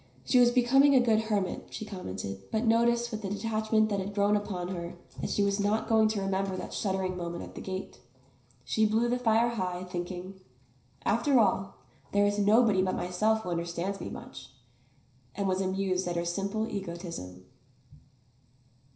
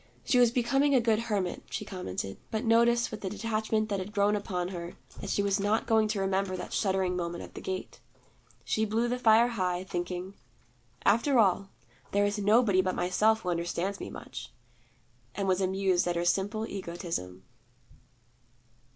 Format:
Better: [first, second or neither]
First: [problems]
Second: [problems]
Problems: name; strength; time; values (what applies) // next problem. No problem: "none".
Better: second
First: room echo; dies away in 0.5 s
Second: none